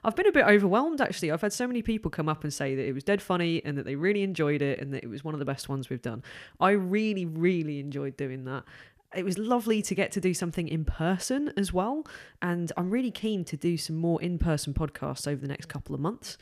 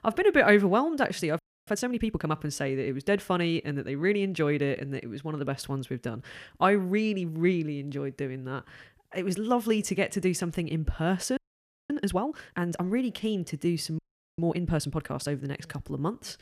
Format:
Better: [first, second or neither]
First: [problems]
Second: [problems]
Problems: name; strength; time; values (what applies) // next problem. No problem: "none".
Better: first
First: none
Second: audio freezing; at 1.5 s, at 11 s for 0.5 s and at 14 s